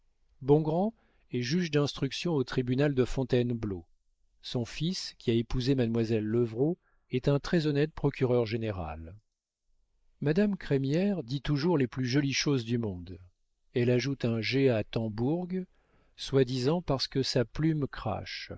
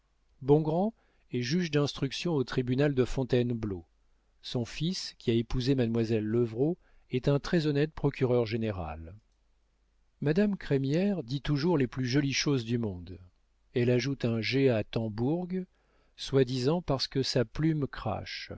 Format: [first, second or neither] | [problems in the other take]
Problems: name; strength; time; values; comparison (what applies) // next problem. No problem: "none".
second | noise reduction (neural mask model Resemble Enhance denoiser)